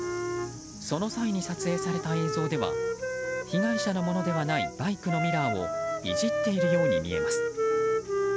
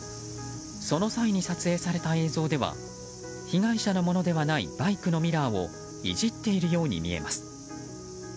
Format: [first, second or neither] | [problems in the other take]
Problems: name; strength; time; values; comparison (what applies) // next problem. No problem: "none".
second | background sound (Wind instrument, woodwind instrument); 1 dB above the speech